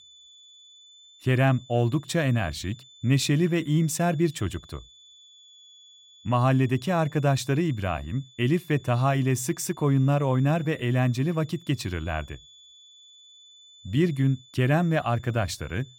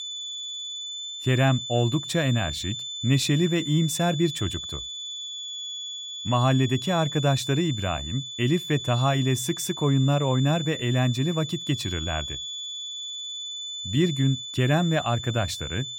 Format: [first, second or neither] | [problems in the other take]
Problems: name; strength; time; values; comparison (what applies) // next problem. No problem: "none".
first | high-pitched whine; loud; throughout; 3.5 kHz, 7 dB below the speech; faint in the first